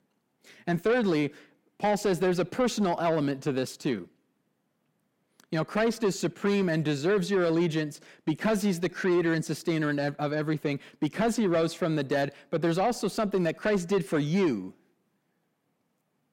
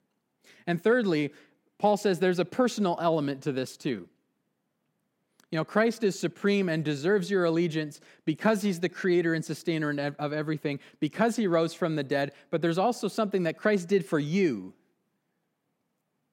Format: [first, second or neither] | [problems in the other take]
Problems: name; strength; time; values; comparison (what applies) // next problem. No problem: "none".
second | distortion; slight; 10 dB below the speech